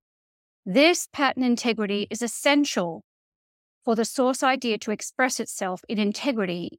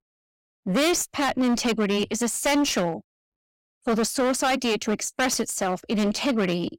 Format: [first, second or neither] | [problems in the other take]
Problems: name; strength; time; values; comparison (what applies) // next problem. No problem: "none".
first | distortion; heavy; 18% of the sound clipped